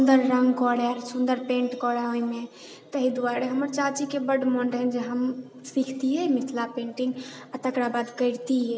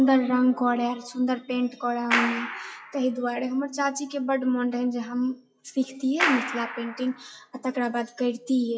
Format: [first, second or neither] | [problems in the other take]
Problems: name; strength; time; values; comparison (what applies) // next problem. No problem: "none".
first | noise reduction (classical method WPE with log-MMSE)